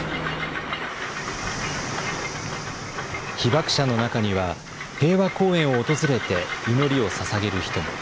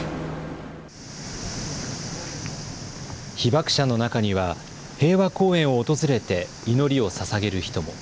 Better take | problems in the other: second | background sound (Train); 6 dB below the speech

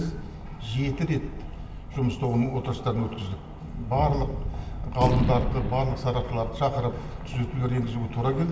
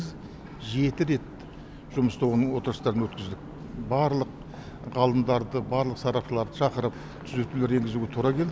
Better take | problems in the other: second | background sound (Gunshot, gunfire); 6 dB below the speech // room echo; dies away in 1 s

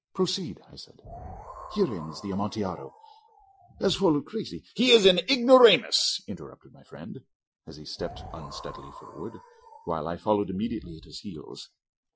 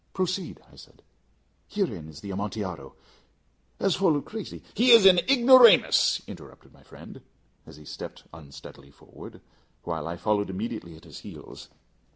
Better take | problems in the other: second | noise reduction (classical method Wiener filter)

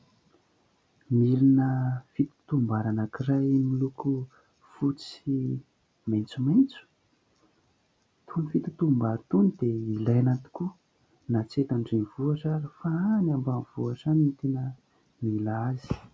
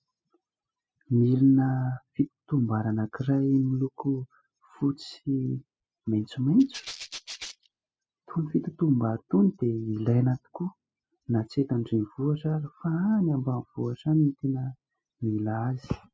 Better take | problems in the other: first | noise reduction (classical method spectral subtraction)

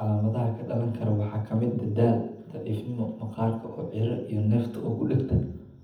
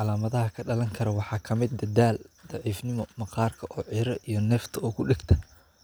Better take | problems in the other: second | room echo; dies away in 0.8 s

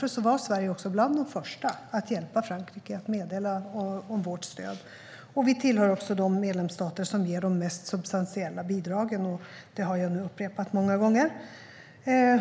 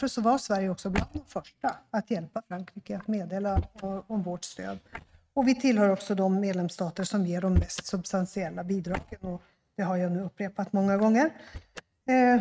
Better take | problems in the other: first | noise reduction (neural mask model RNNoise)

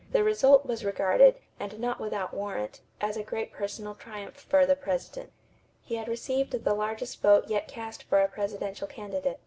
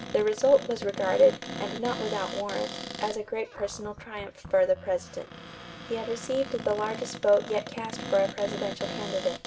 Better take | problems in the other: first | background sound (Cupboard open or close); 11 dB below the speech

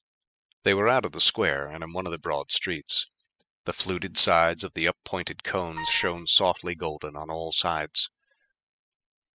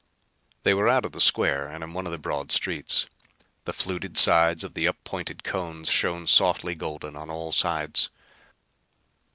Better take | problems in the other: second | noise reduction (classical method spectral subtraction)

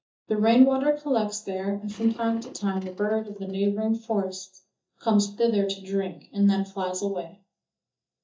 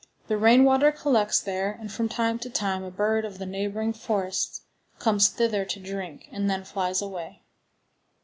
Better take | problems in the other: second | noise reduction (neural mask model DeepFilterNet 3)

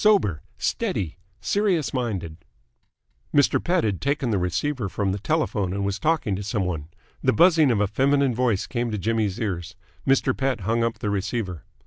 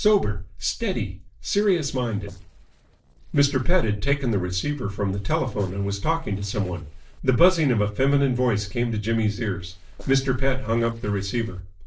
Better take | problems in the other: first | noise reduction (neural separator model SepFormer DNS4)

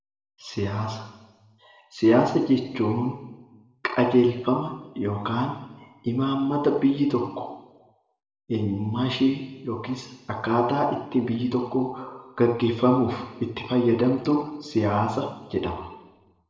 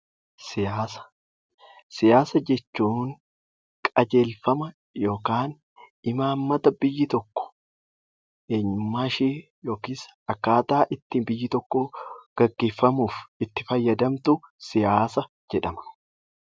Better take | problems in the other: second | room echo; dies away in 1 s

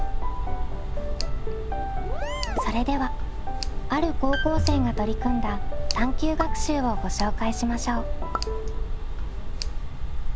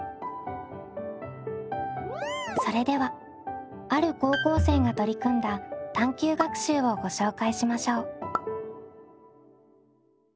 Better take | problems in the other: second | background sound (Tick); 3 dB above the speech

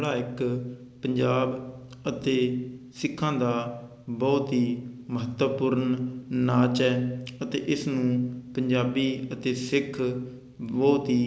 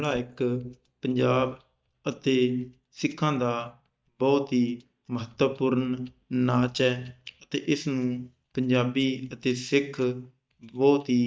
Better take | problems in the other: first | noise reduction (neural mask model DeepFilterNet 3)

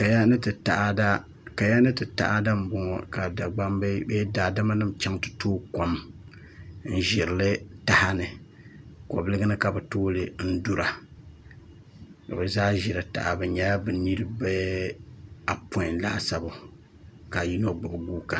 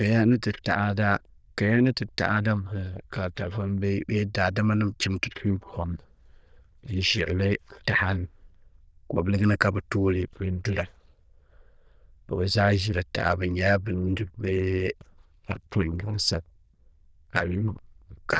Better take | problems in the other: first | noise reduction (neural diffusion model UNIVERSE++)

